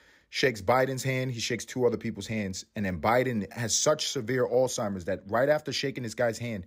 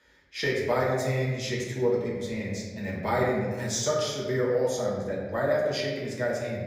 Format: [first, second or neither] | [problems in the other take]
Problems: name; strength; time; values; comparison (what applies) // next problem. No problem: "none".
first | room echo; noticeable; dies away in 1.3 s // off-mic speech; far